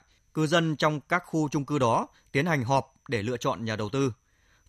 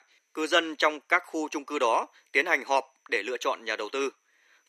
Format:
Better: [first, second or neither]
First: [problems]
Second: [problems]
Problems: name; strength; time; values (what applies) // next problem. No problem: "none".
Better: first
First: none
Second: thin; very; fading below 350 Hz